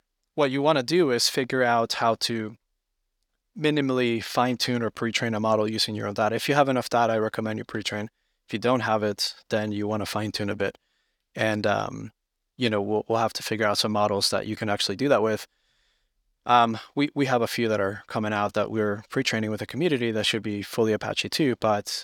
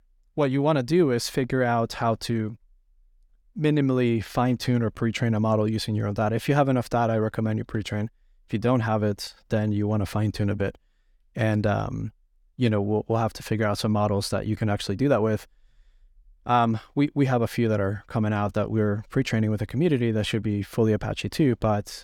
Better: second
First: thin; very slightly; fading below 950 Hz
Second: none

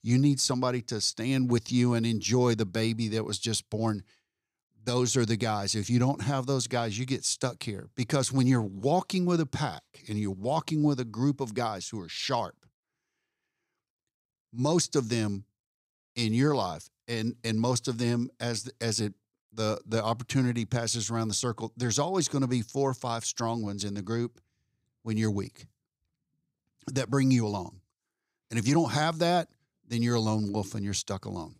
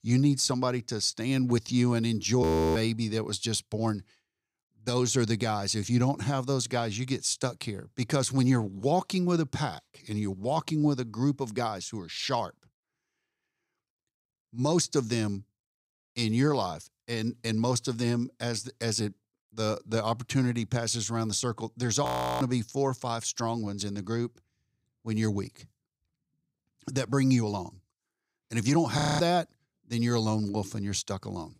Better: first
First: none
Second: audio freezing; at 2.5 s, at 22 s and at 29 s

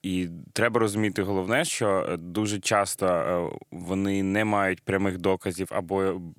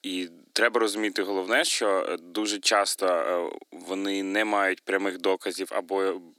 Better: first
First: none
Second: thin; very slightly; fading below 250 Hz

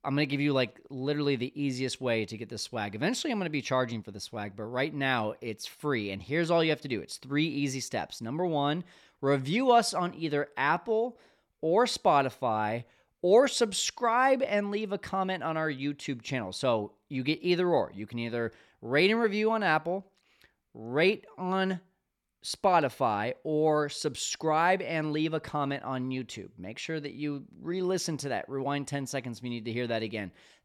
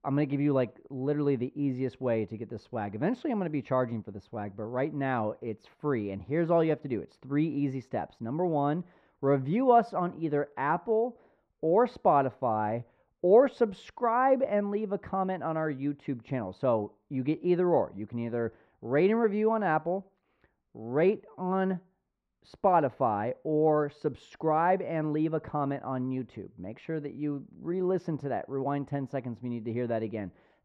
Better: first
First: none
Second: muffled; very; fading above 3 kHz

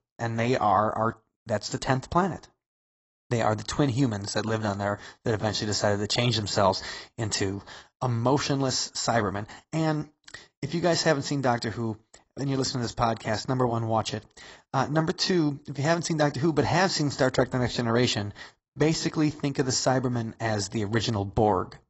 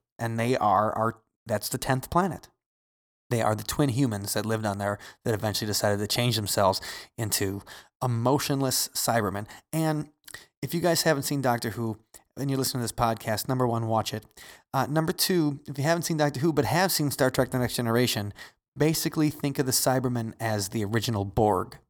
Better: second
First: garbled, watery; badly; nothing above 8 kHz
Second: none

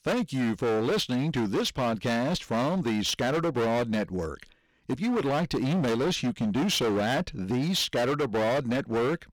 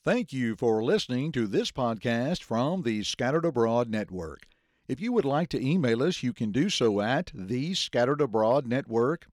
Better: second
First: distortion; heavy; 27% of the sound clipped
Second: none

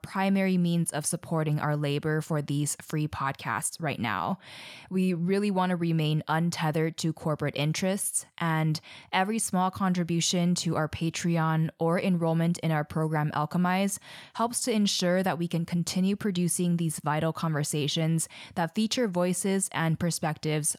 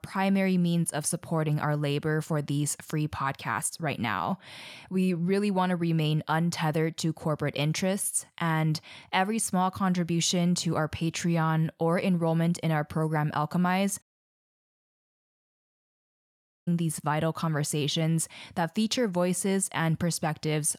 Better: first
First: none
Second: audio cutting out; at 14 s for 2.5 s

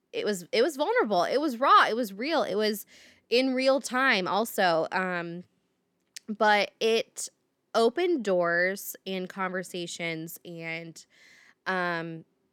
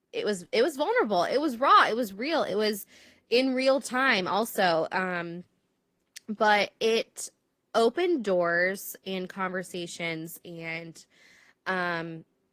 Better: first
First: none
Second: garbled, watery; slightly; nothing above 15 kHz

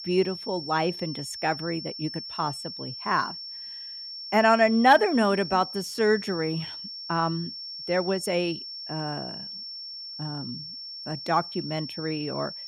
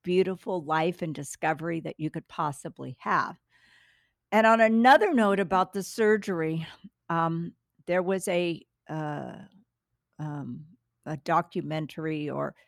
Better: second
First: high-pitched whine; loud; throughout; 5.5 kHz, 9 dB below the speech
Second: none

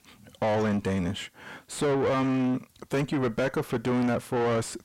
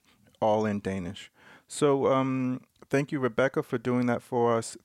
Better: second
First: distortion; heavy; 6 dB below the speech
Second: none

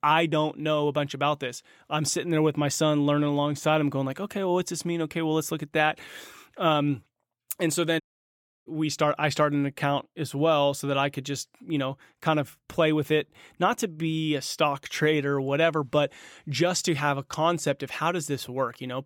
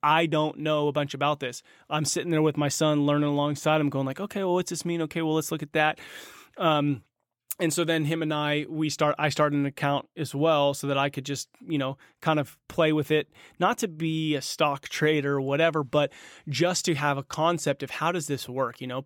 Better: second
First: audio cutting out; at 8 s for 0.5 s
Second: none

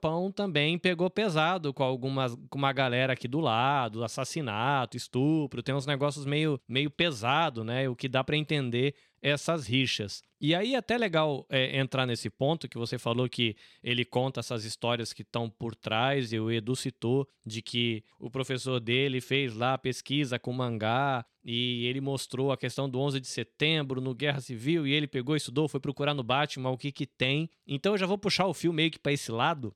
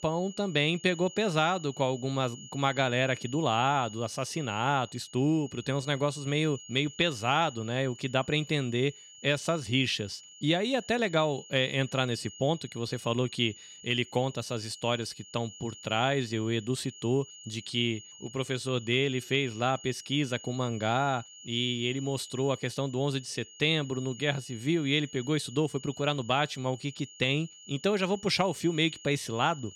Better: first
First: none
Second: high-pitched whine; noticeable; throughout; 3 kHz, 15 dB below the speech

